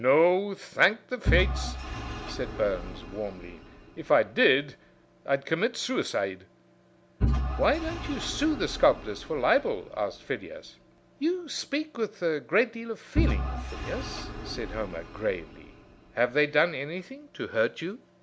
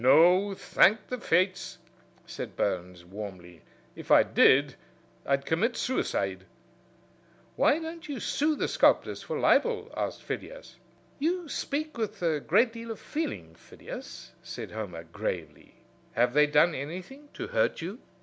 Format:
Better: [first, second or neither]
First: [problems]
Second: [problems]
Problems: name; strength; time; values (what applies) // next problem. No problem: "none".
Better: second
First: background sound (Engine / Vehicle); 7 dB below the speech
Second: none